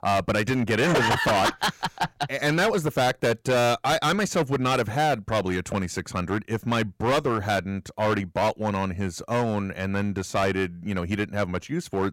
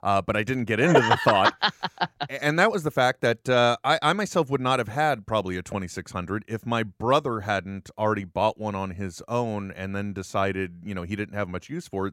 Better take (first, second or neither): second